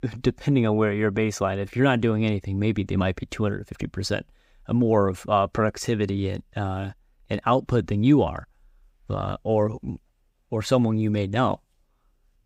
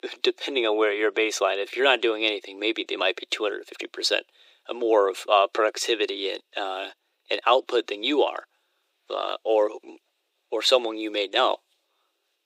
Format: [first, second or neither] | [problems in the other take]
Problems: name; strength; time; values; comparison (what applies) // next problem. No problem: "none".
first | thin; very; fading below 350 Hz